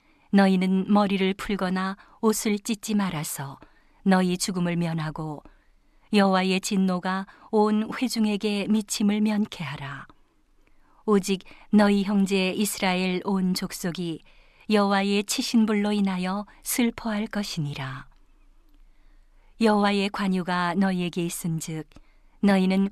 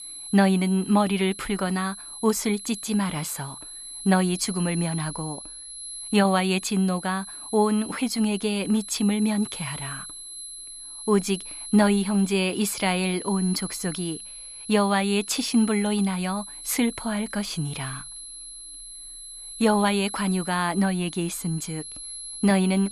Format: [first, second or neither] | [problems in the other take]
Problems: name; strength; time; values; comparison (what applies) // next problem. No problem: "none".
first | high-pitched whine; noticeable; throughout; 11 kHz, 10 dB below the speech